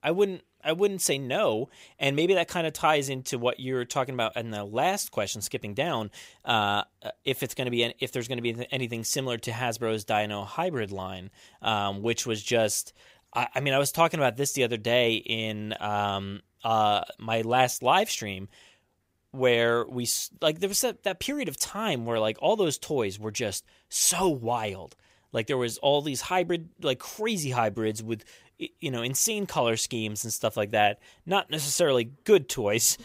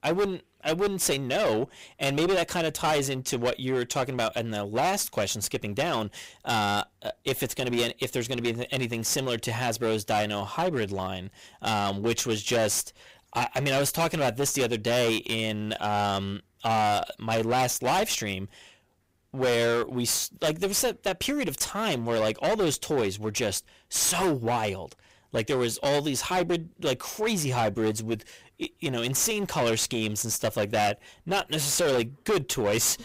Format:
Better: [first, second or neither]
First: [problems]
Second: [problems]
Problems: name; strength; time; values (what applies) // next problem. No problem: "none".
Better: first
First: none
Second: distortion; heavy; 16% of the sound clipped